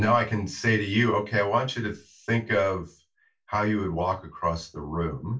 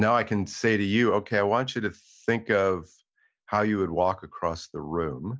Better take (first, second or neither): second